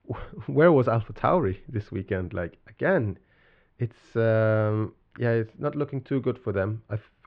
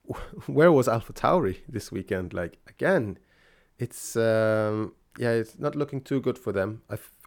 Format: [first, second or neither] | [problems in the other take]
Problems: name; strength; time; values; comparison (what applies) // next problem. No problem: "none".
second | muffled; very; fading above 3.5 kHz